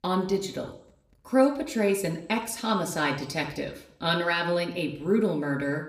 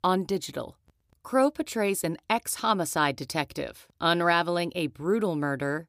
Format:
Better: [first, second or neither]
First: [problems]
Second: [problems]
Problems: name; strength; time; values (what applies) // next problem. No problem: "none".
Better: second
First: room echo; slight; dies away in 0.6 s // off-mic speech; somewhat distant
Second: none